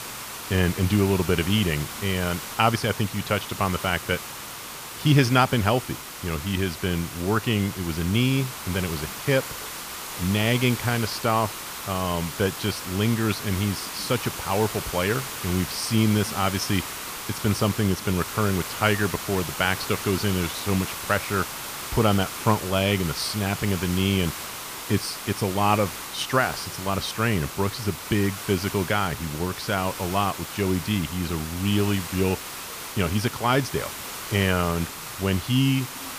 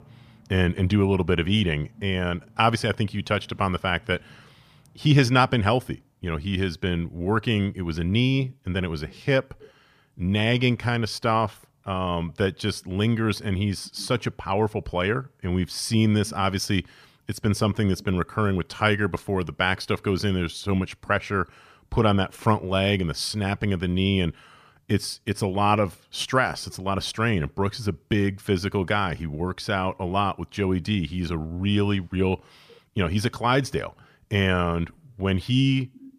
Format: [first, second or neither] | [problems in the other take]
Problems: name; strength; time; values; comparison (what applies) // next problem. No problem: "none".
second | hiss; loud; throughout; 8 dB below the speech